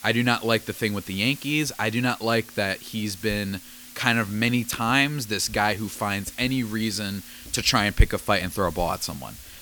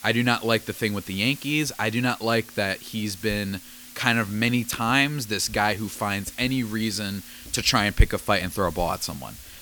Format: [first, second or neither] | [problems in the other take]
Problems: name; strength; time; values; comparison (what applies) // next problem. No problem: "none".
neither | hiss; noticeable; throughout; 15 dB below the speech; the same in both